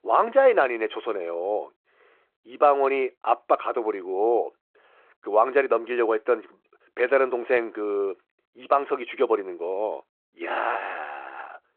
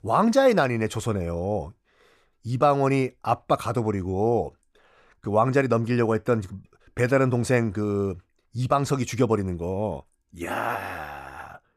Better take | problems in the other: second | phone-call audio

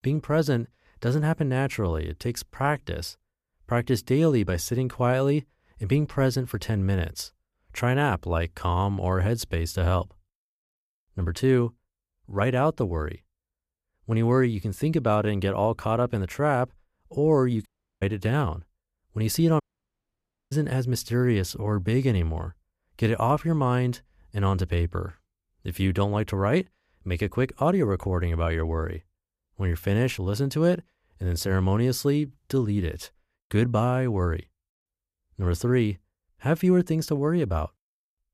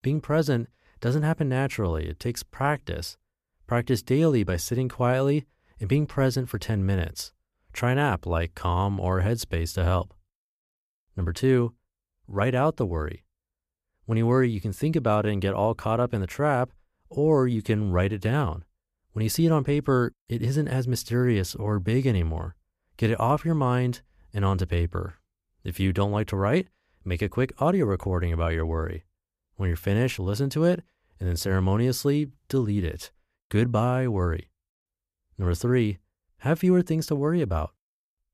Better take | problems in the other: second | audio cutting out; at 18 s and at 20 s for 1 s

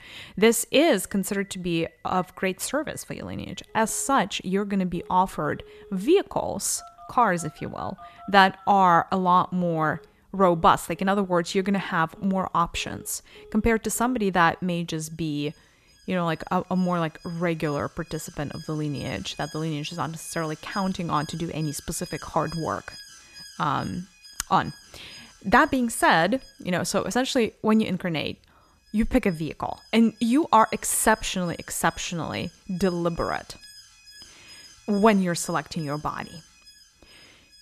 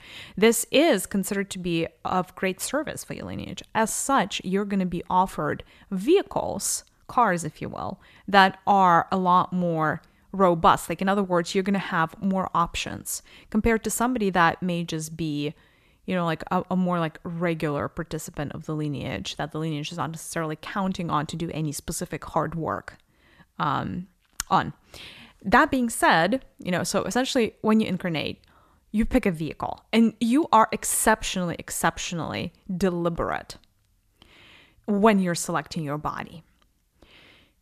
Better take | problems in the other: second | alarms or sirens; faint; throughout; 25 dB below the speech

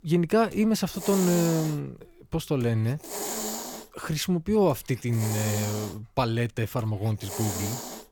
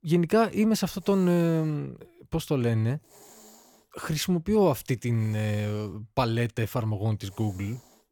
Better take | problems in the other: second | hiss; loud; throughout; 6 dB below the speech; faint in the second

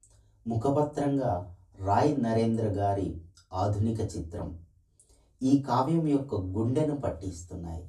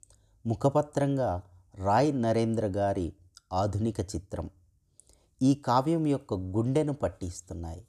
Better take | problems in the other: second | off-mic speech; far // room echo; very slight; dies away in 0.2 s

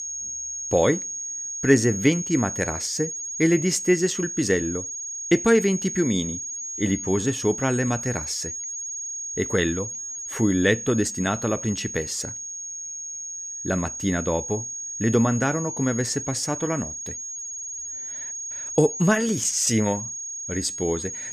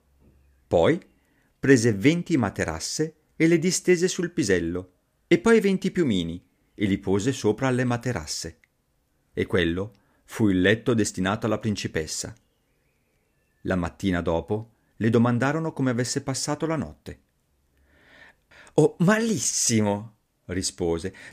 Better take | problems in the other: second | high-pitched whine; loud; throughout; 6.5 kHz, 6 dB below the speech

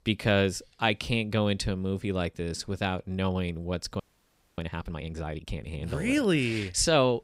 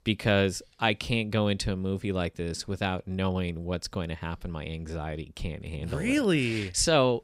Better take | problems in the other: second | audio freezing; at 4 s for 0.5 s

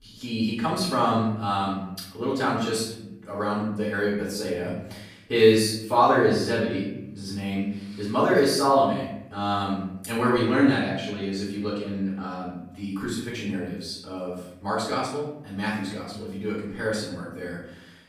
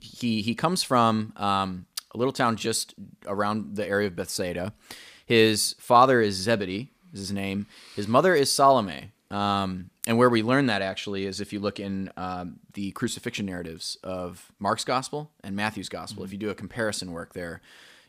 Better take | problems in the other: second | room echo; noticeable; dies away in 0.8 s // off-mic speech; far

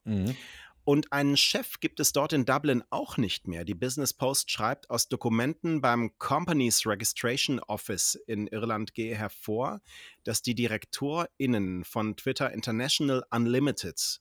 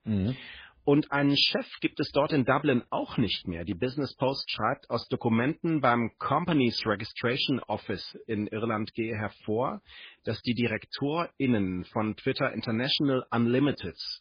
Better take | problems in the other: first | garbled, watery; badly; nothing above 5 kHz

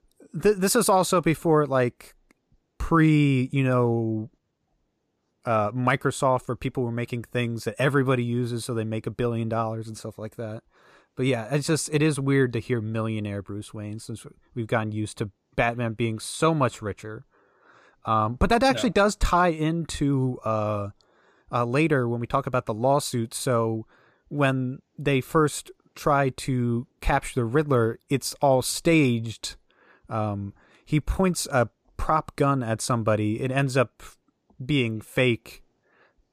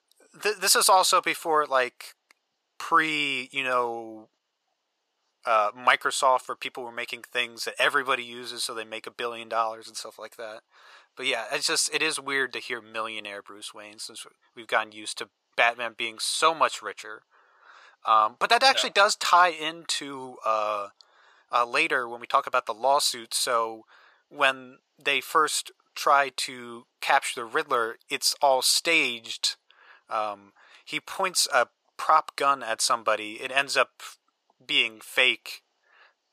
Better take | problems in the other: first | thin; very; fading below 900 Hz

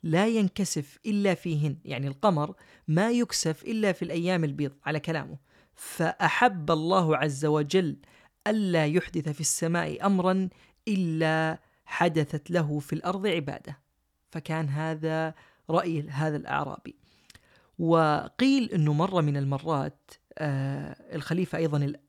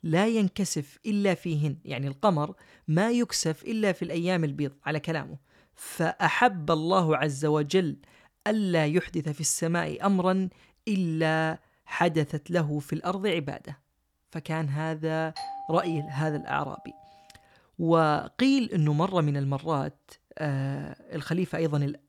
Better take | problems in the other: first | doorbell; noticeable; from 15 to 17 s; peak 10 dB below the speech

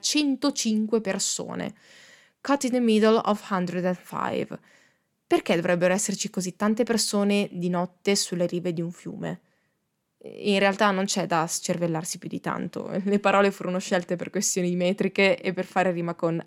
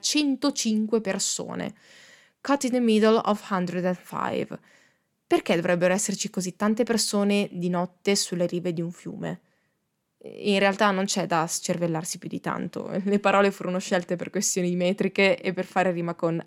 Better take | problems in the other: neither | none

